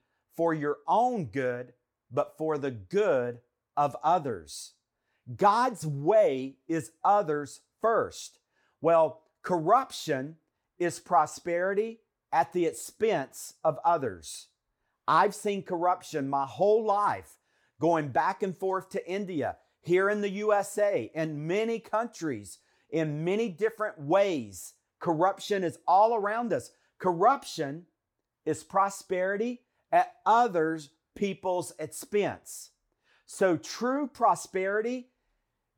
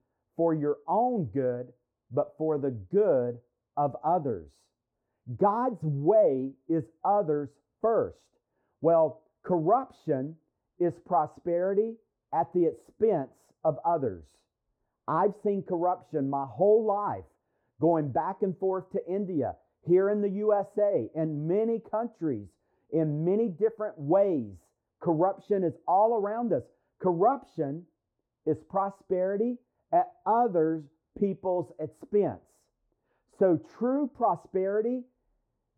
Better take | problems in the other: first | muffled; very; fading above 1.5 kHz

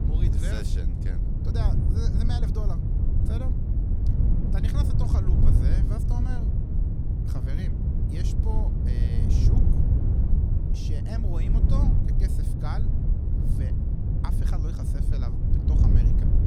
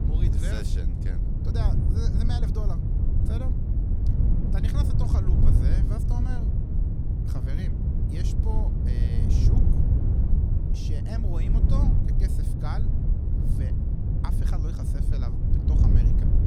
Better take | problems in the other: neither | wind noise on the microphone; heavy; 3 dB above the speech; the same in both

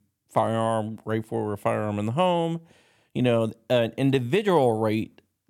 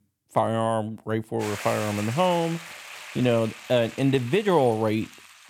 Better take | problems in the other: first | hiss; noticeable; from 1.5 s on; 15 dB below the speech

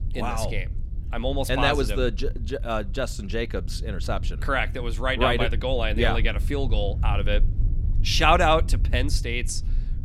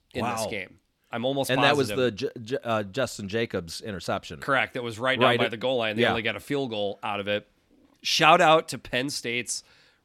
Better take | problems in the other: second | low rumble; faint; throughout; 20 dB below the speech

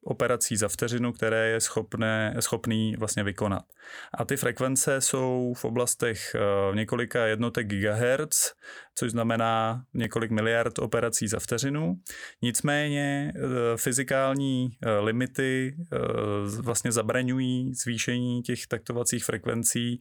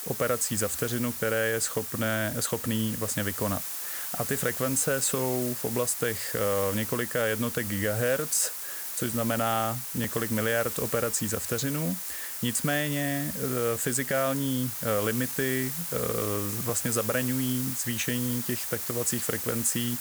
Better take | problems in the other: first | hiss; loud; throughout; 2 dB below the speech

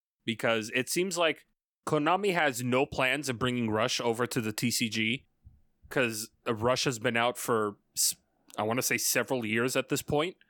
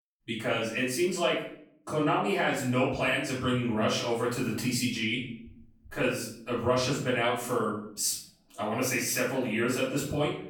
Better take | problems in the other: first | off-mic speech; far // room echo; noticeable; dies away in 0.5 s

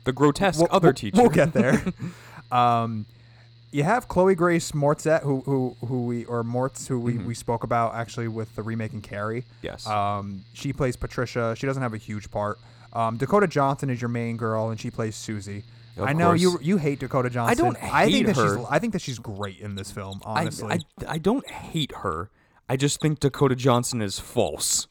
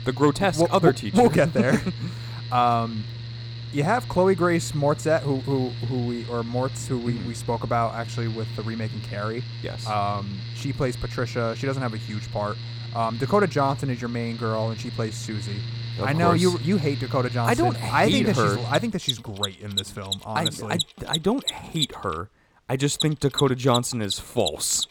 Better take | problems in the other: first | machinery noise; loud; throughout; 7 dB below the speech; faint in the first

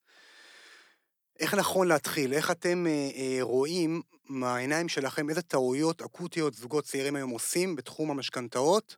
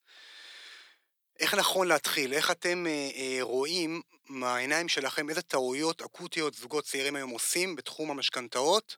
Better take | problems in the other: first | thin; very slightly; fading below 600 Hz

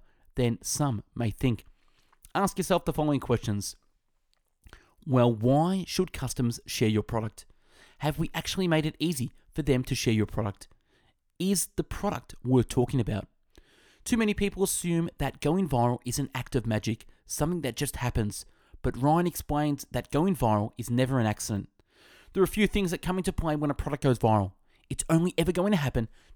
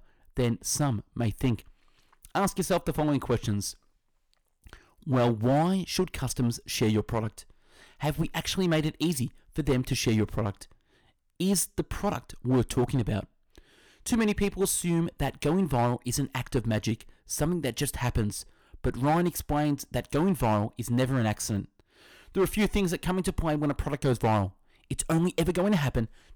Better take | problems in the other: first | distortion; slight; 4% of the sound clipped

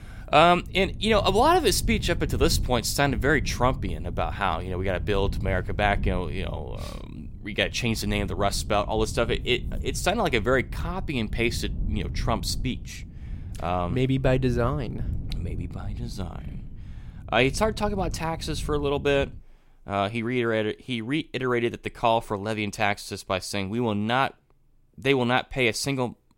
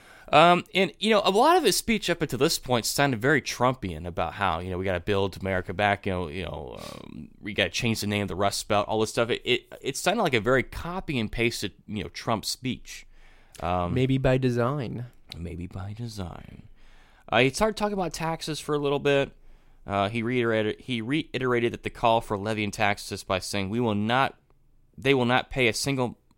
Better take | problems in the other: second | wind noise on the microphone; occasional gusts; until 19 s; 25 dB below the speech

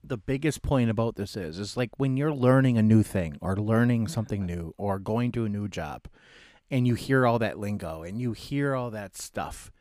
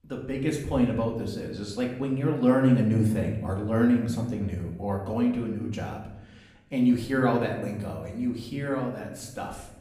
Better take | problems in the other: first | room echo; noticeable; dies away in 0.8 s // off-mic speech; far

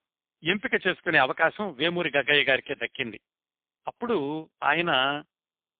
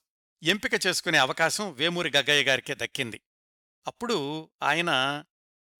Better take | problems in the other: second | phone-call audio; poor line; nothing above 3.5 kHz

